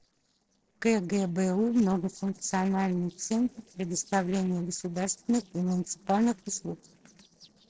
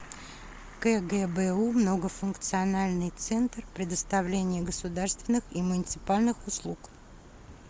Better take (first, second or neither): second